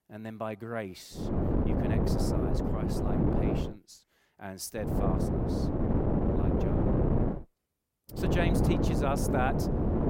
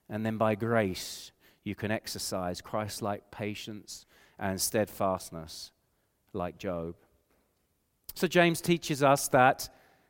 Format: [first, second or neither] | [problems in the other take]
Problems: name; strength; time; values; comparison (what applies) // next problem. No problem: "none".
second | wind noise on the microphone; heavy; from 1 to 3.5 s, from 5 to 7.5 s and from 8 s on; 3 dB above the speech